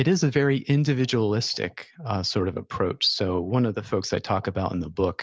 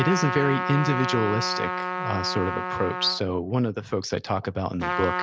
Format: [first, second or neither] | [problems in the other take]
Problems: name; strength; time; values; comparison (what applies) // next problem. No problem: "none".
first | background sound (Trumpet); 4 dB below the speech